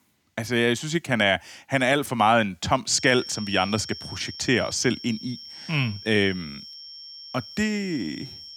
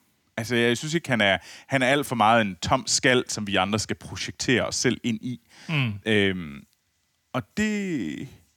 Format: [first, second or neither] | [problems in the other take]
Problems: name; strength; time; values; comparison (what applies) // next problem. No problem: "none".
second | high-pitched whine; noticeable; from 3 s on; 5.5 kHz, 15 dB below the speech